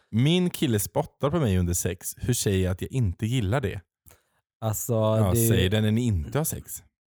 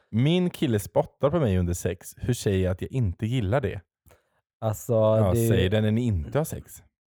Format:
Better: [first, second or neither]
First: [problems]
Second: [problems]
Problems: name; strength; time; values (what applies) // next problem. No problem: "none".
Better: first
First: none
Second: muffled; slightly; fading above 3.5 kHz